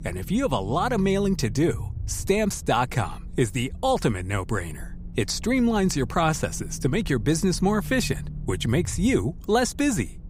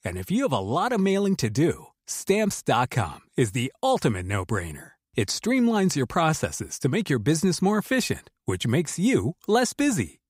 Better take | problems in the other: second | low rumble; faint; throughout; 25 dB below the speech

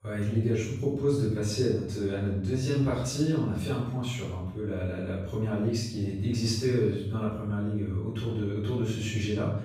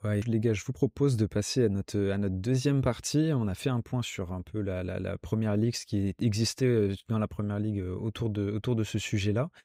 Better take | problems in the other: second | off-mic speech; far // room echo; noticeable; dies away in 0.6 s

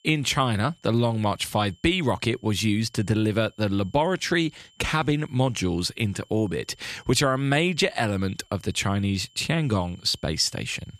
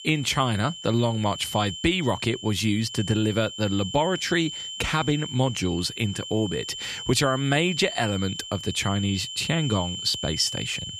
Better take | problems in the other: first | high-pitched whine; loud; throughout; 3 kHz, 8 dB below the speech; faint in the first

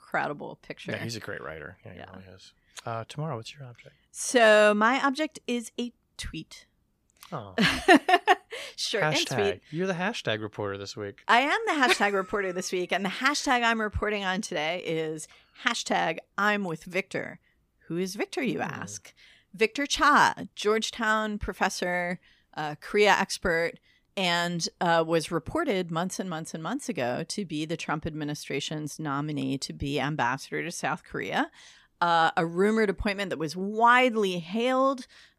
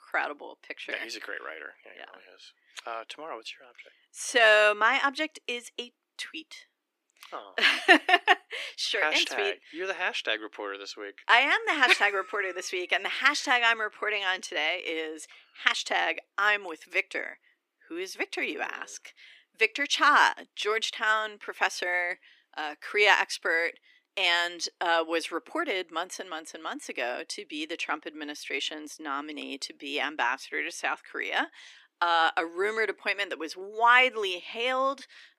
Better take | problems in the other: first | thin; somewhat; fading below 300 Hz

